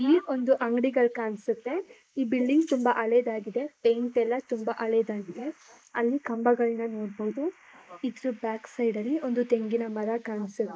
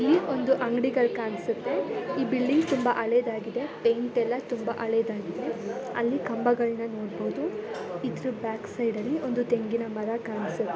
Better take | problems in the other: second | noise reduction (neural mask model Resemble Enhance denoiser)

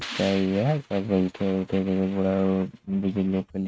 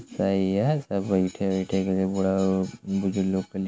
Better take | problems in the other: second | noise reduction (neural mask model RNNoise)

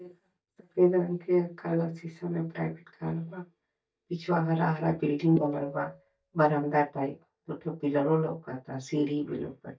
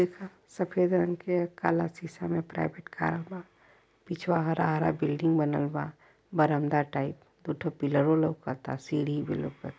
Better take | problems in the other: second | noise reduction (neural mask model DeepFilterNet 3)

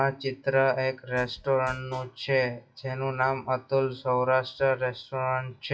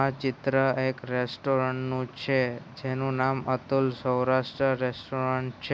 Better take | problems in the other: second | noise reduction (classical method WPE with log-MMSE)

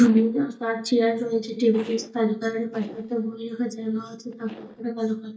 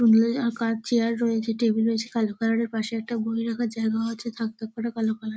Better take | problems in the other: second | noise reduction (neural mask model DeepFilterNet 3)

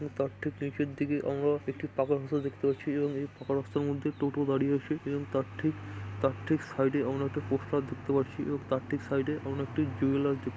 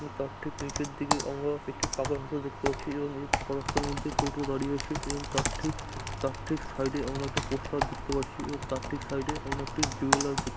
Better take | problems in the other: first | background sound (Computer keyboard); 1 dB below the speech

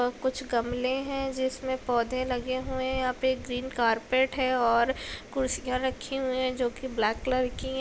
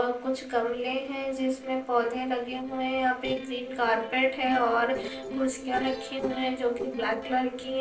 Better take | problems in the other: first | noise reduction (neural separator model SepFormer DNS4)

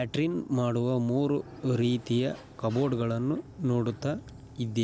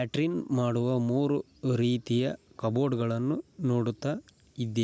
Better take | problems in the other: second | background sound (Sliding door); 19 dB below the speech

